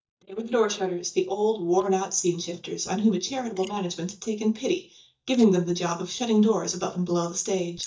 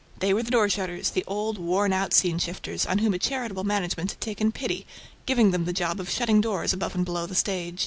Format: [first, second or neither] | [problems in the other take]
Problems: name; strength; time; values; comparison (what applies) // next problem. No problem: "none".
second | noise reduction (neural mask model DeepFilterNet 3)